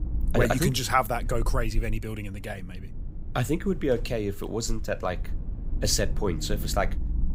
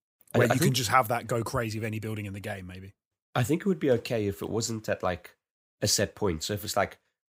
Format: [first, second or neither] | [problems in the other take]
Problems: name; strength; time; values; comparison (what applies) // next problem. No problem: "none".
second | low rumble; faint; throughout; 20 dB below the speech